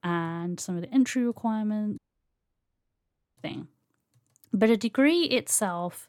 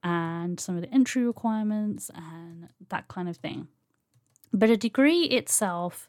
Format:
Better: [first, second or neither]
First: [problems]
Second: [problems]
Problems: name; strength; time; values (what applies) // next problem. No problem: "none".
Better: second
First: audio cutting out; at 2 s for 1.5 s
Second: none